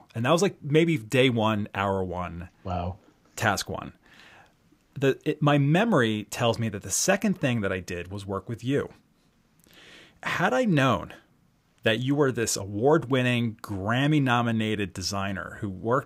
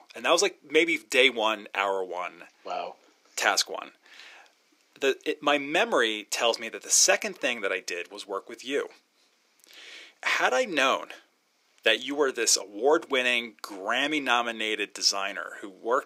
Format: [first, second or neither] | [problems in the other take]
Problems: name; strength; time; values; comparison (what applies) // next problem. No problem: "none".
first | thin; somewhat; fading below 350 Hz